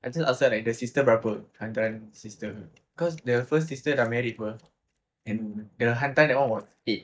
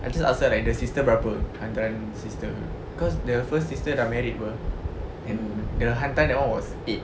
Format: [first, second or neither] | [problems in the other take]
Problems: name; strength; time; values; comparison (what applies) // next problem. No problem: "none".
second | noise reduction (neural mask model DeepFilterNet 3)